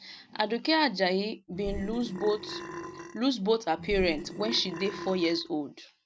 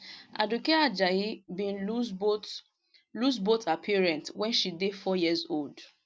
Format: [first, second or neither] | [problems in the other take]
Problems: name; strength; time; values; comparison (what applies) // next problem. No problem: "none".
second | background sound (Burping, eructation); 10 dB below the speech